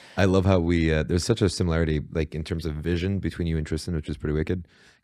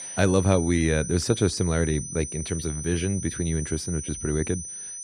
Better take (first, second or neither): first